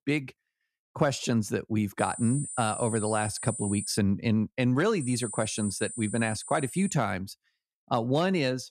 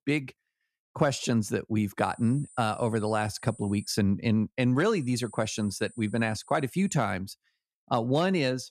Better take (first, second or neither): second